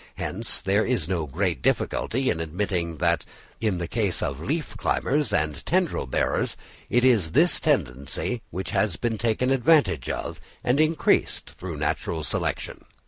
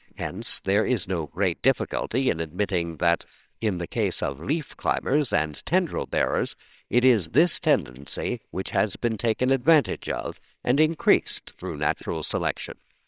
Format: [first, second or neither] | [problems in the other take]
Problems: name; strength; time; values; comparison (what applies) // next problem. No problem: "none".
first | noise reduction (neural separator model SepFormer WHAMR!)